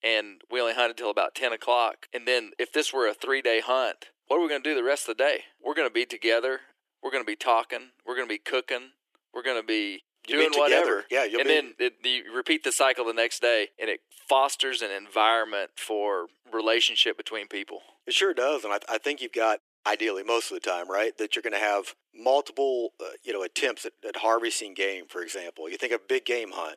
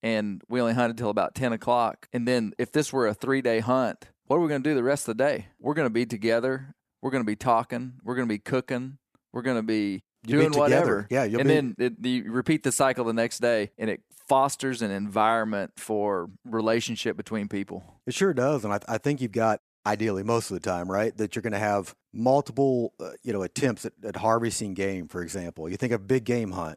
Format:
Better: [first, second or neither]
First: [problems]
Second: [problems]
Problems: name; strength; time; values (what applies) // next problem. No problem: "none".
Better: second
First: thin; very; fading below 350 Hz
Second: none